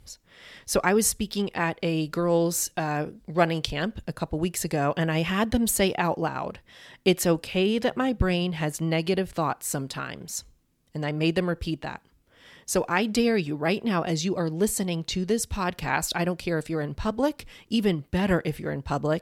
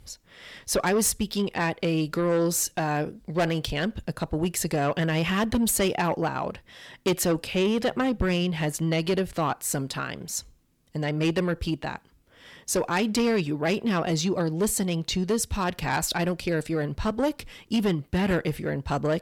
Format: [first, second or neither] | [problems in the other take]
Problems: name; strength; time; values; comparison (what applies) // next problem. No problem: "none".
first | distortion; slight; 10 dB below the speech